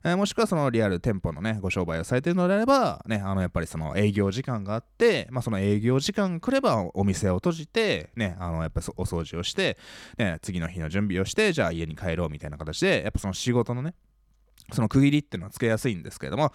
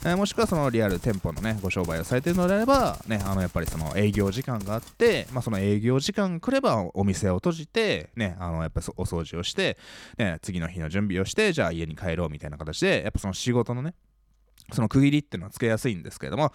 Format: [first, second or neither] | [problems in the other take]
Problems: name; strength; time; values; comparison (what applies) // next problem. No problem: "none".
first | animal sounds; noticeable; until 5.5 s; 15 dB below the speech